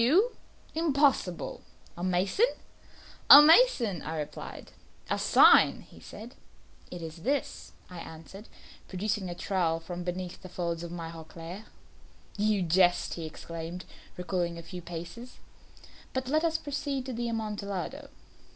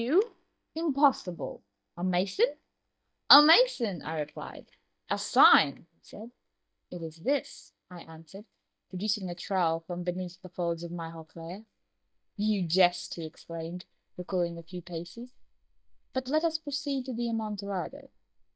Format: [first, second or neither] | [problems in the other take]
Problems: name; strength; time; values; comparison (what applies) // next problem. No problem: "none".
first | noise reduction (neural mask model DeepFilterNet 3)